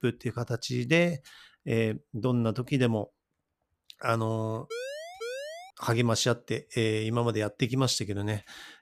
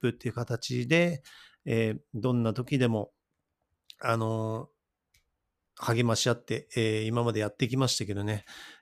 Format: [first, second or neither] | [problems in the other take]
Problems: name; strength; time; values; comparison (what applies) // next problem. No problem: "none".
second | siren; noticeable; from 4.5 to 5.5 s; peak 8 dB below the speech